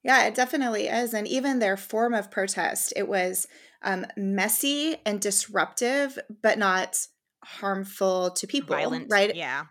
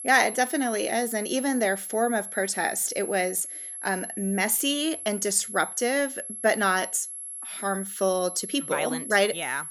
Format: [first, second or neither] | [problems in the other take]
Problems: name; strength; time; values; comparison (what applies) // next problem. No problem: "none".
first | high-pitched whine; loud; throughout; 11 kHz, 8 dB below the speech